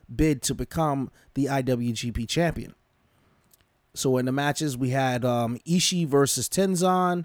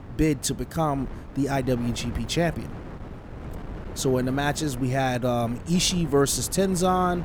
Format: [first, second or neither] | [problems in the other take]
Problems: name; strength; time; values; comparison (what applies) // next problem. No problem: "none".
first | wind noise on the microphone; occasional gusts; 15 dB below the speech